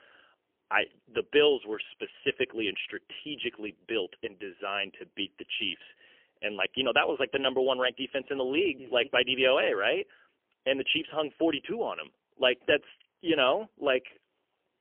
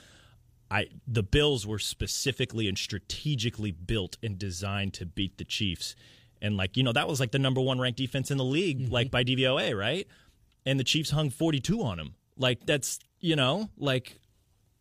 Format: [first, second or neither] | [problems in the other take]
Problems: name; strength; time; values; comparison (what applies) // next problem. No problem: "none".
second | phone-call audio; poor line; nothing above 3 kHz